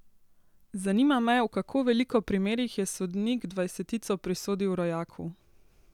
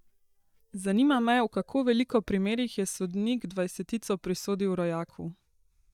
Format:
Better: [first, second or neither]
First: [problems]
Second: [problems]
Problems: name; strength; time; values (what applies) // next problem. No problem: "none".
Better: first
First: none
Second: noise reduction (neural mask model DeepFilterNet 3)